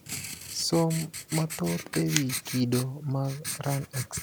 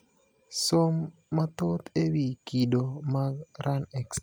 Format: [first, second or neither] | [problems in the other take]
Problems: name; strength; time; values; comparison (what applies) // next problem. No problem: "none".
second | background sound (Writing); 8 dB below the speech